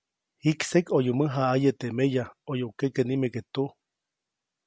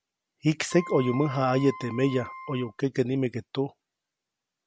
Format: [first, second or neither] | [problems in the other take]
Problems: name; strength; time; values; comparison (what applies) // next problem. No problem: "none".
first | background sound (Wind instrument, woodwind instrument); 13 dB below the speech